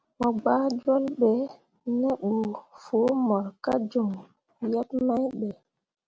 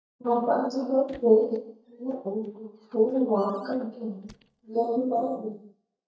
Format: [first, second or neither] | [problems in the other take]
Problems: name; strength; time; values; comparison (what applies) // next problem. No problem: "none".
first | noise reduction (neural mask model DeepFilterNet 3)